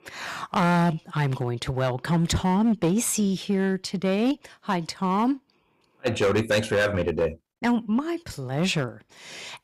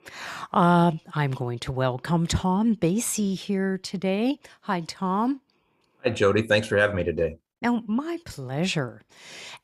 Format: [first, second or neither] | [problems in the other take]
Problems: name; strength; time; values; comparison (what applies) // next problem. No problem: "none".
second | distortion; slight; 7% of the sound clipped